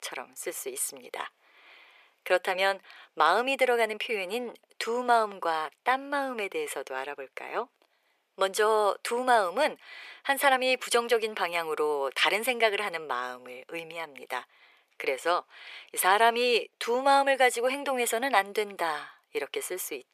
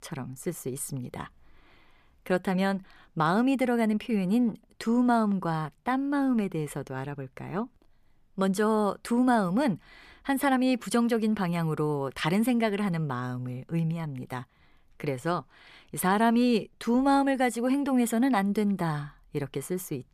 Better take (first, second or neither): second